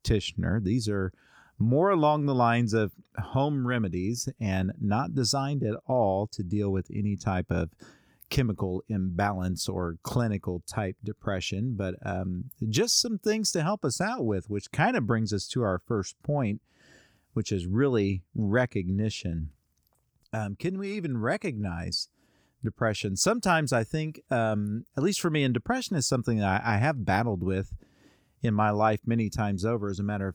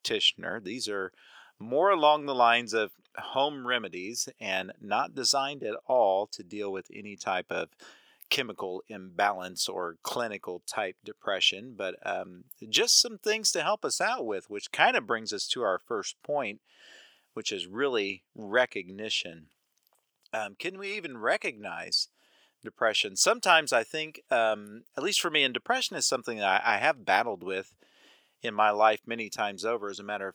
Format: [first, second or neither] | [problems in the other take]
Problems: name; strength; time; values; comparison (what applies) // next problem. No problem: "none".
first | thin; very; fading below 550 Hz